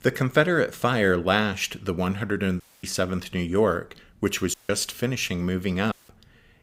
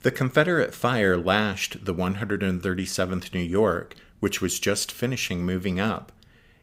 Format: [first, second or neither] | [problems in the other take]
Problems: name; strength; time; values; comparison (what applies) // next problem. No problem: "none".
second | audio cutting out; at 2.5 s, at 4.5 s and at 6 s